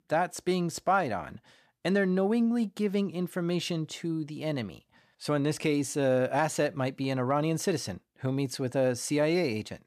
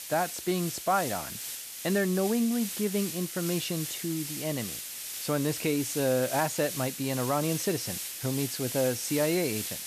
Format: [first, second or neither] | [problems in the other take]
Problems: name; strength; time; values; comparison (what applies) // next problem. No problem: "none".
first | hiss; loud; throughout; 5 dB below the speech